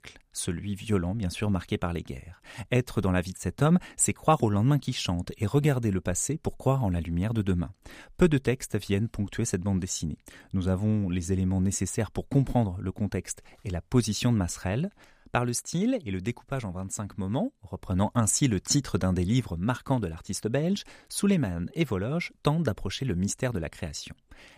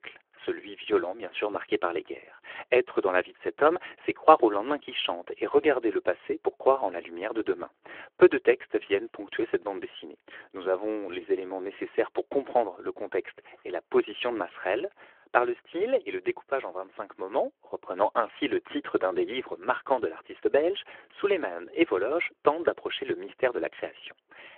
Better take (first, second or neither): first